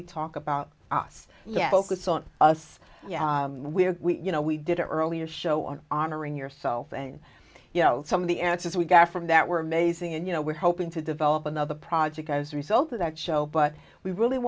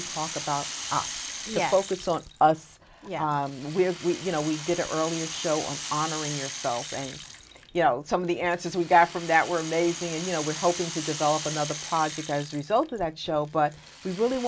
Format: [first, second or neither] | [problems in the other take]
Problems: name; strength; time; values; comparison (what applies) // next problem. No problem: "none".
first | background sound (Rattle (instrument)); 11 dB below the speech